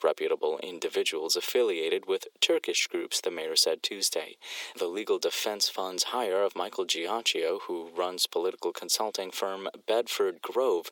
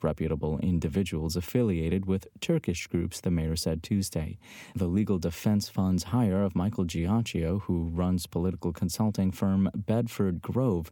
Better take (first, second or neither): second